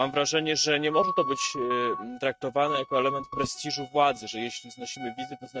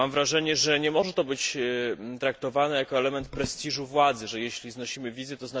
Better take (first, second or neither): second